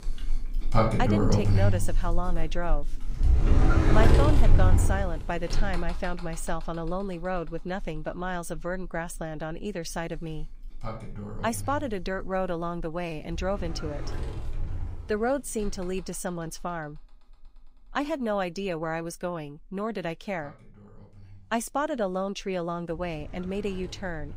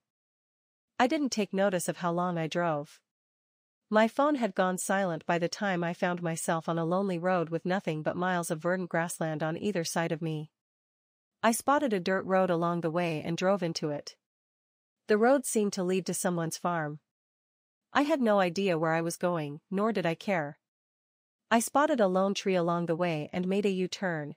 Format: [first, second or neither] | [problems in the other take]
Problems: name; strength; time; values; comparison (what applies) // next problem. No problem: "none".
second | household noises; very loud; throughout; 4 dB above the speech